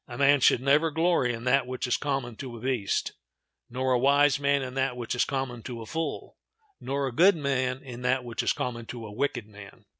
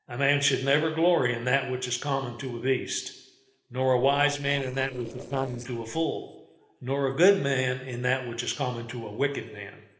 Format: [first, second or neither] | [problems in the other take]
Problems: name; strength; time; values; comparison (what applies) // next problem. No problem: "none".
first | noise reduction (neural separator model SepFormer DNS4)